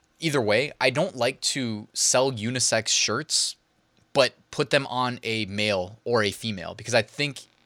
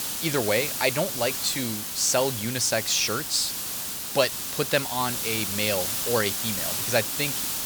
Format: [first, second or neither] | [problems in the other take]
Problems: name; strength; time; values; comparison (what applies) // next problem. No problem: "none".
first | hiss; loud; throughout; 2 dB below the speech